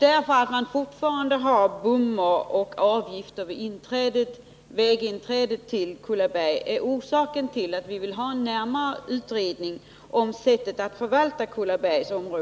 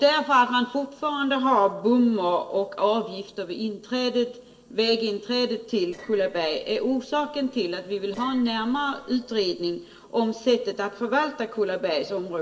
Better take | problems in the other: first | noise reduction (neural separator model SepFormer DNS4)

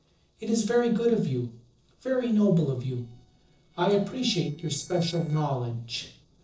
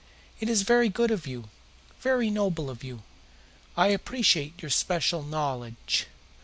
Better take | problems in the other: second | noise reduction (neural separator model SepFormer DNS4)

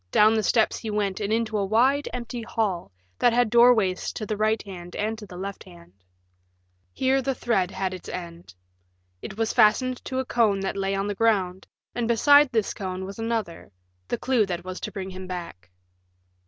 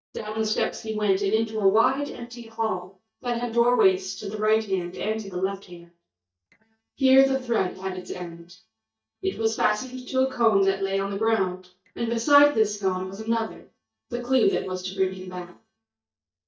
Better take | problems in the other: first | noise reduction (neural mask model DeepFilterNet 3)

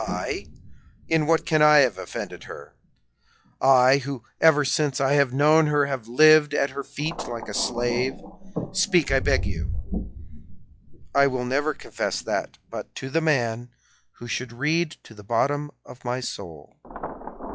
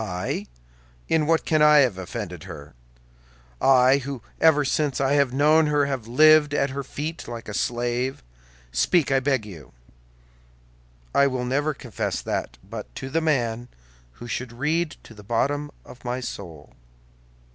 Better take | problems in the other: second | noise reduction (classical method log-MMSE)

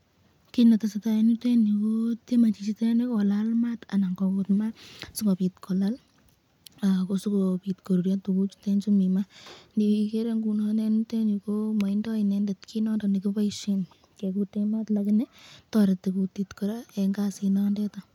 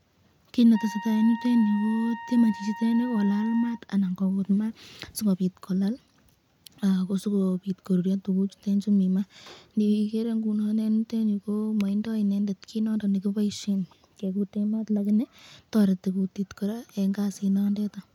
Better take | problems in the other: first | background sound (Trumpet); 14 dB below the speech

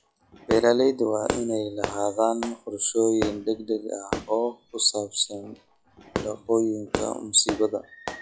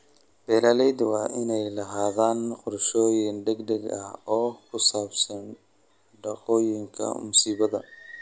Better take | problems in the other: second | noise reduction (classical method log-MMSE)

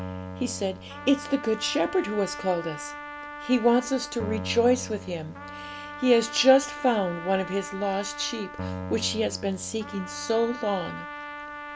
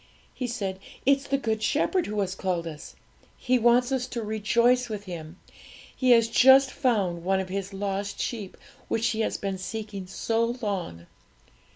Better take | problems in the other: second | background sound (Keyboard (musical) + Trumpet); 11 dB below the speech

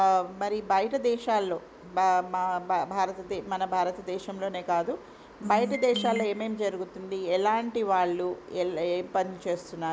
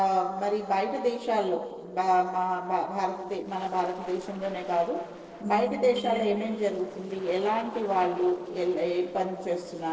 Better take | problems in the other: first | noise reduction (neural separator model SepFormer DNS4)

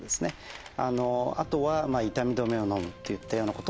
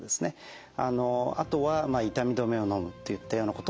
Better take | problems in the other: second | background sound (Tools + Bus); 20 dB below the speech

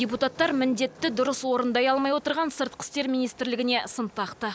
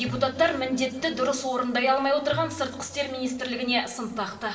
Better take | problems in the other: first | background sound (Tabla); 17 dB below the speech // room echo; dies away in 0.8 s

